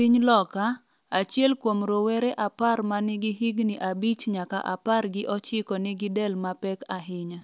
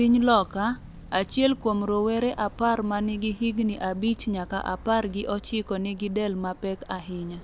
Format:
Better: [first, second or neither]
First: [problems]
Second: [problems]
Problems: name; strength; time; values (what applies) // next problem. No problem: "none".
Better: first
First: none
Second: background sound (Walk, footsteps); 18 dB below the speech